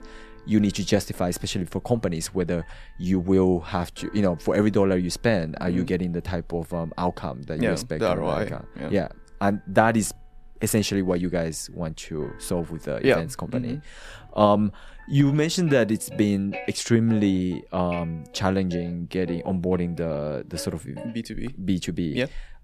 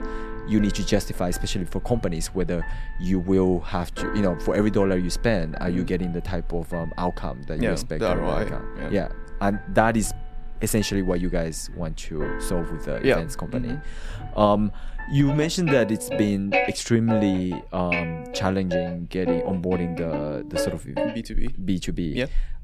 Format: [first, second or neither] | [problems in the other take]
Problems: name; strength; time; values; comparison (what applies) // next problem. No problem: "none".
first | background music; loud; throughout; 8 dB below the speech; faint in the first